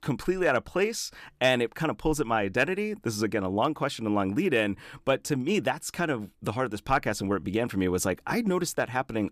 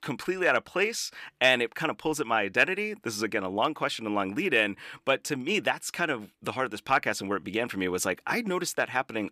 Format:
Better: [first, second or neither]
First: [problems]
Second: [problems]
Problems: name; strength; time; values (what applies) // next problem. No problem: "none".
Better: first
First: none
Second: thin; very slightly; fading below 600 Hz